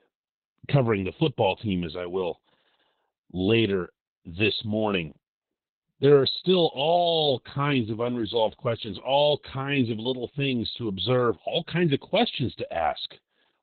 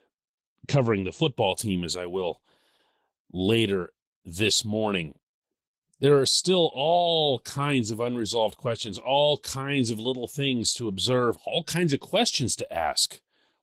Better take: second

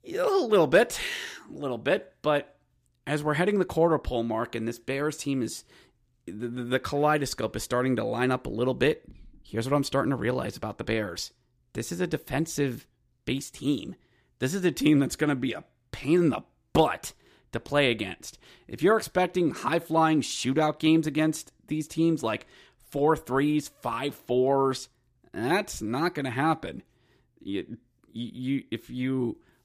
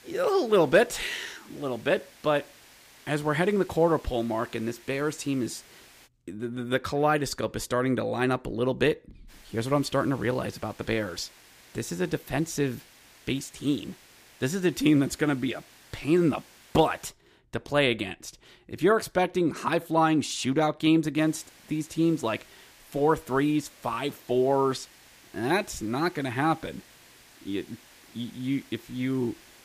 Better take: first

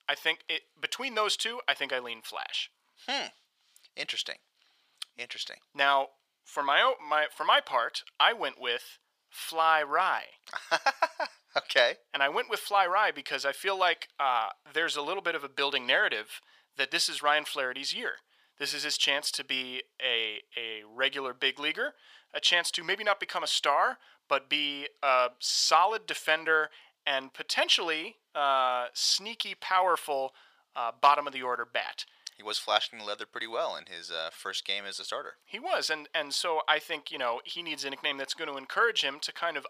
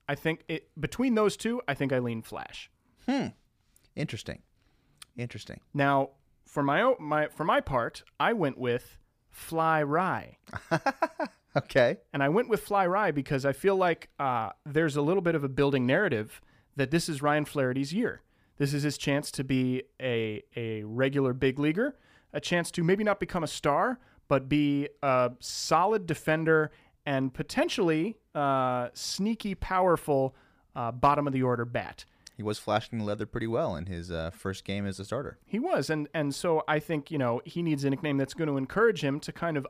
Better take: second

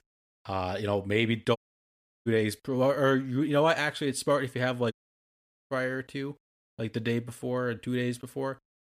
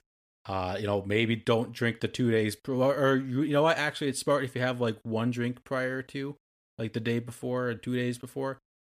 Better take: second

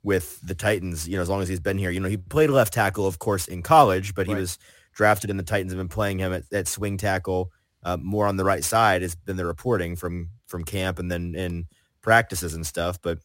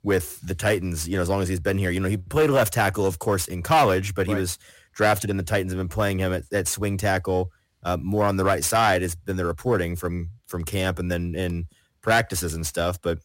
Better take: first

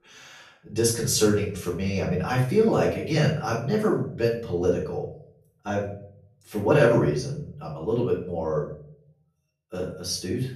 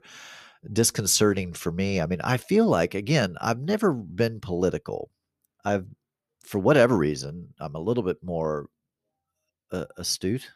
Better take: second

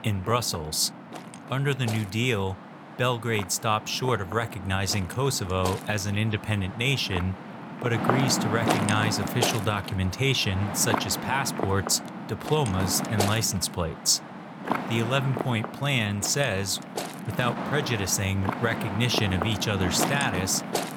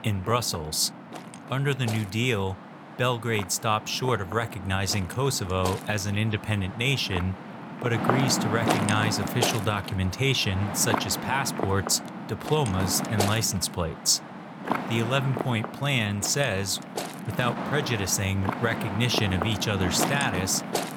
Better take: neither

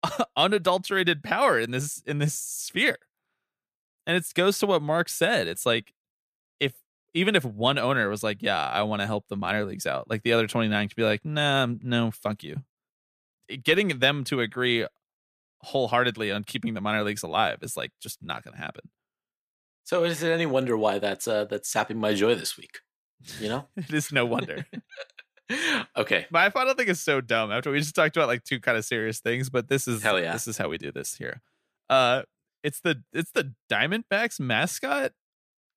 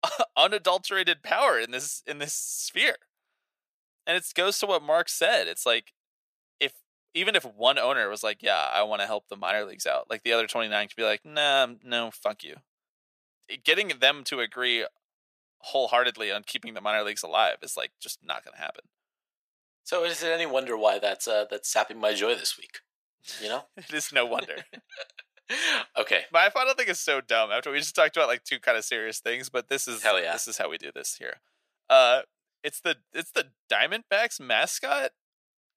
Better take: first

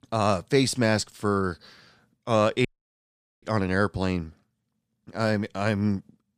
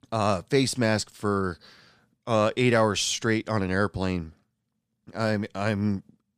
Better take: second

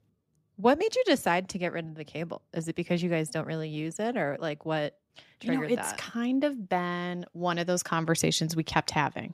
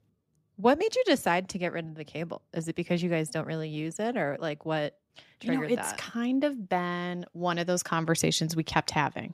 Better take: neither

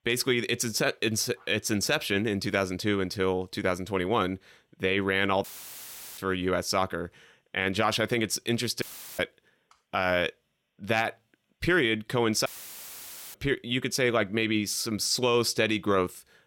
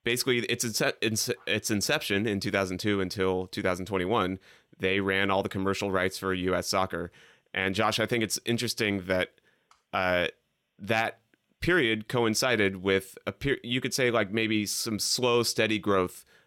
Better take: second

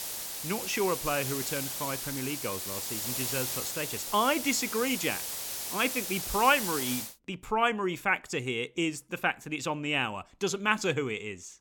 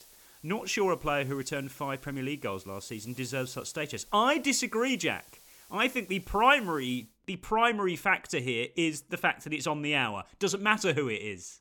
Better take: second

